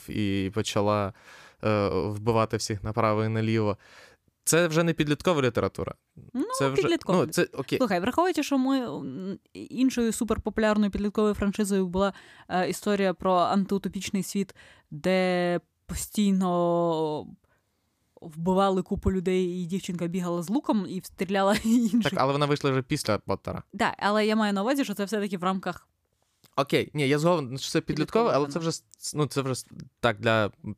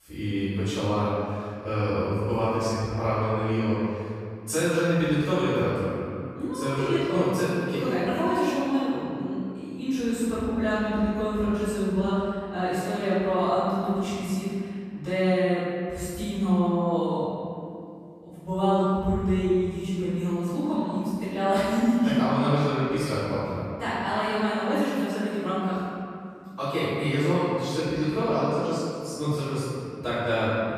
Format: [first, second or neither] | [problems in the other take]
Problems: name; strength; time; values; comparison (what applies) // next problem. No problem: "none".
first | room echo; strong; dies away in 2.3 s // off-mic speech; far